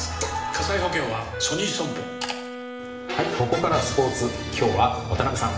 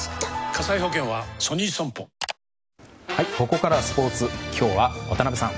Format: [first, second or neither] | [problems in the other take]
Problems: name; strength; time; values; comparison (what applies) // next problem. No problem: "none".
second | background sound (Wind instrument, woodwind instrument); 11 dB below the speech // room echo; dies away in 1 s